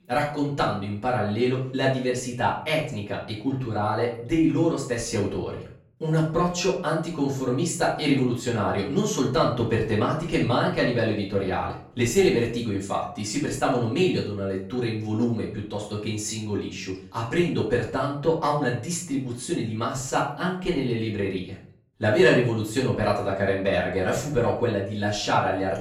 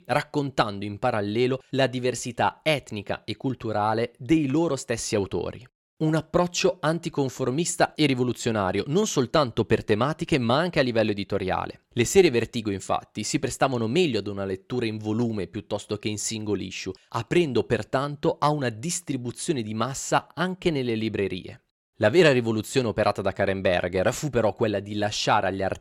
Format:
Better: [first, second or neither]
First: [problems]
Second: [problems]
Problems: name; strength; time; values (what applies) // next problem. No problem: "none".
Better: second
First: off-mic speech; far // room echo; slight; dies away in 0.4 s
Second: none